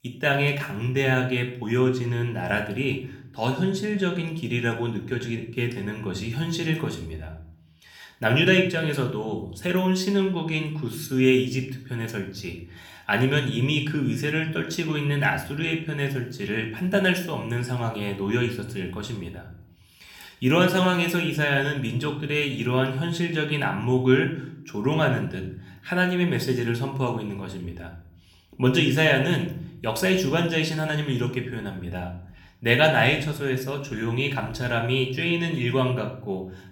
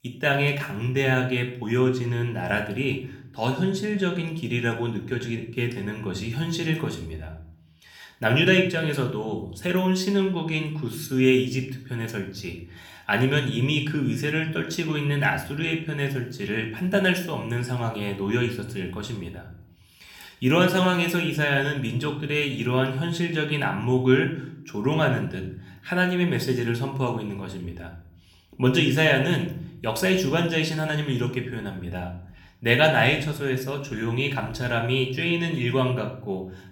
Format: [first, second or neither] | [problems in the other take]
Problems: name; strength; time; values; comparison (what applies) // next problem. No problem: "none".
neither | room echo; slight; dies away in 0.5 s; the same in both